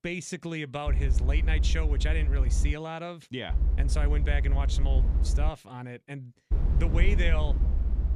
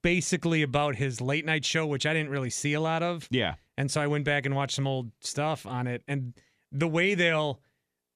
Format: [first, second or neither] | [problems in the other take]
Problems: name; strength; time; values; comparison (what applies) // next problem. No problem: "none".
second | low rumble; loud; from 1 to 2.5 s, from 3.5 to 5.5 s and from 6.5 s on; 9 dB below the speech